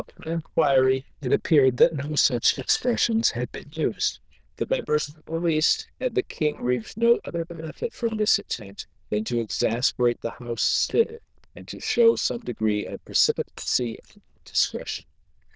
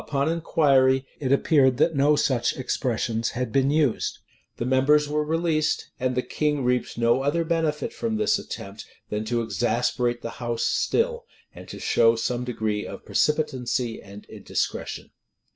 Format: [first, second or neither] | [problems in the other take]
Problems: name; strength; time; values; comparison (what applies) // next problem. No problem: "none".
second | noise reduction (neural diffusion model UNIVERSE++)